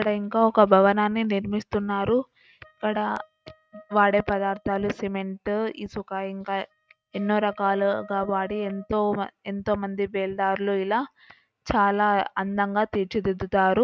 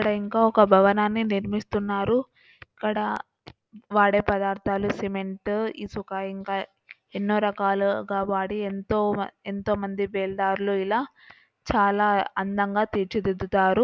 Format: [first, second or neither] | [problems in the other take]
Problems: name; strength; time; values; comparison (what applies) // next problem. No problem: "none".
second | noise reduction (neural mask model RNNoise)